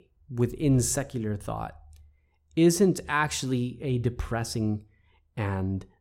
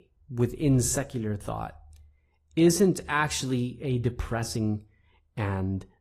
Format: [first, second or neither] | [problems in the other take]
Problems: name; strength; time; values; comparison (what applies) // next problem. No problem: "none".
first | garbled, watery; slightly; nothing above 14 kHz